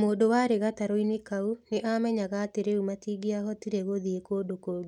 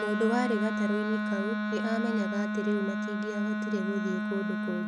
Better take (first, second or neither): first